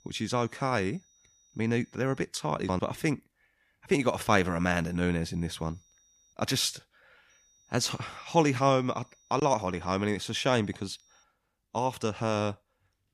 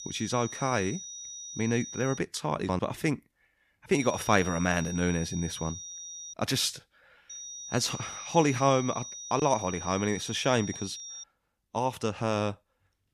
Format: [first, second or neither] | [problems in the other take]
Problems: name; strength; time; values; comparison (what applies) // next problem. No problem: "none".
first | high-pitched whine; loud; until 2 s, from 4 to 6.5 s and from 7.5 to 11 s; 6 kHz, 10 dB below the speech; faint in the first